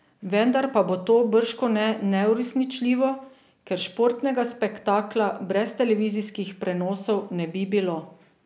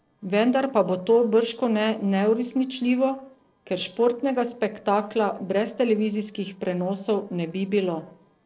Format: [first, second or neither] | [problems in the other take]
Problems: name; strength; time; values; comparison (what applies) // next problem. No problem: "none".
first | noise reduction (neural separator model SepFormer DNS4)